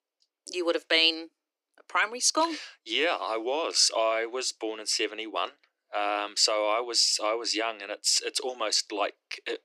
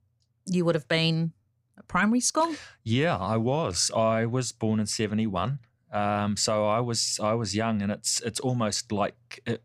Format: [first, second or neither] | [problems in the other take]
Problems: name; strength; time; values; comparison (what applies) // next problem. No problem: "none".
second | thin; very; fading below 300 Hz